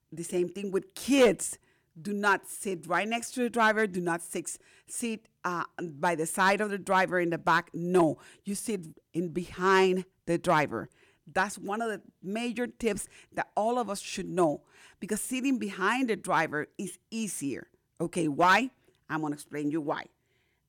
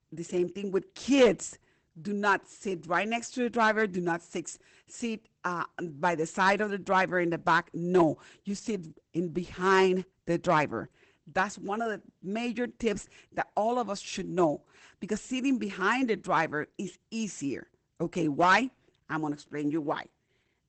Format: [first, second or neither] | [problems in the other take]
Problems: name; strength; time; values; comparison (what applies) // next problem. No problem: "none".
first | garbled, watery; badly; nothing above 8 kHz